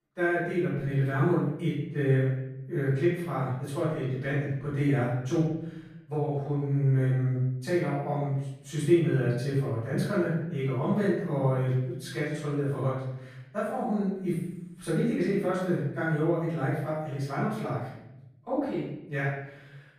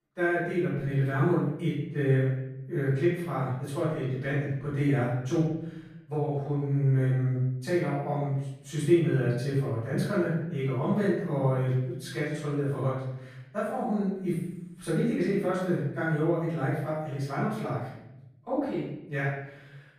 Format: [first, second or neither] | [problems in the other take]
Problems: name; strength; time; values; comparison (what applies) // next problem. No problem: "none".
neither | off-mic speech; far; the same in both // room echo; strong; dies away in 0.9 s; the same in both